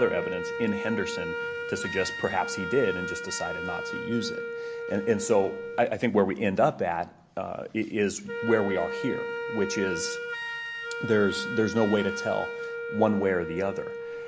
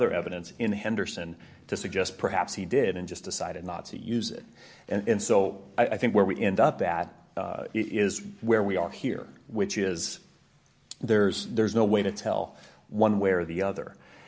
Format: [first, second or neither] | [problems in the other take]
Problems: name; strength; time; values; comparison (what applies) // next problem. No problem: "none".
second | background sound (Wind instrument, woodwind instrument); 6 dB below the speech